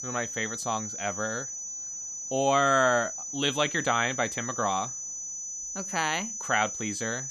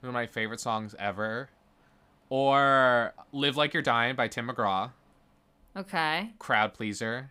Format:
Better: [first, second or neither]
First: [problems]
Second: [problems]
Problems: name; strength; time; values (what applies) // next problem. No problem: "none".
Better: second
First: high-pitched whine; loud; throughout; 6 kHz, 6 dB below the speech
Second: none